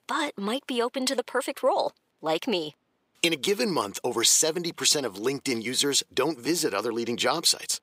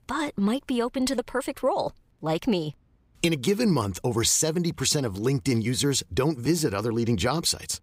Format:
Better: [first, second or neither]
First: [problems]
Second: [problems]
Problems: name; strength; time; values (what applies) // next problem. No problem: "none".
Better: second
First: thin; somewhat; fading below 350 Hz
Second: none